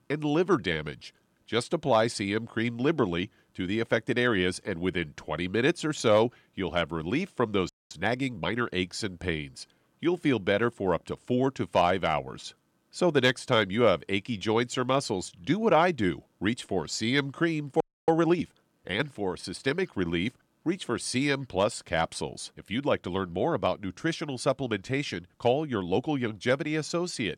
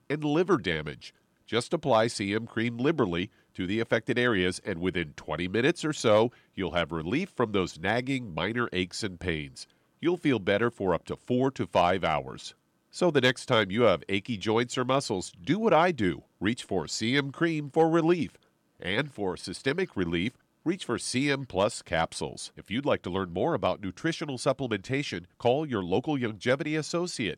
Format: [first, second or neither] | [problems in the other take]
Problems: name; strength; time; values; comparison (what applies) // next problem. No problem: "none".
second | audio freezing; at 7.5 s and at 18 s